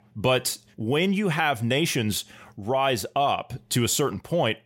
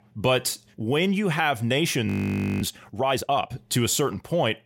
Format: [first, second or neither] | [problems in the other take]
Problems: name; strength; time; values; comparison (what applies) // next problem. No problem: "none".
first | audio freezing; at 2 s for 0.5 s